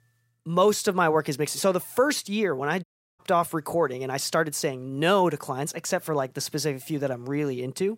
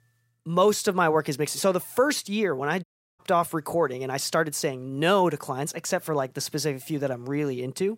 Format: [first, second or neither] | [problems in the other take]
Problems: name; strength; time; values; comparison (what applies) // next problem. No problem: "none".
neither | audio cutting out; at 3 s; the same in both